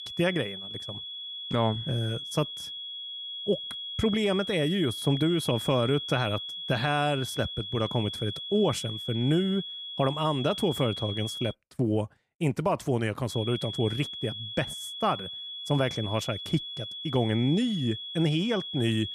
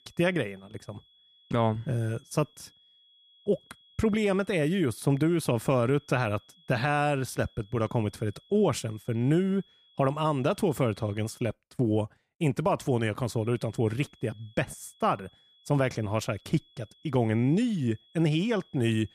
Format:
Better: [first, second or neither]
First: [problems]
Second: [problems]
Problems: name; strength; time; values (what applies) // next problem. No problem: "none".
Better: second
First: high-pitched whine; loud; until 12 s and from 13 s on; 3.5 kHz, 6 dB below the speech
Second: high-pitched whine; faint; until 12 s and from 13 s on; 3.5 kHz, 30 dB below the speech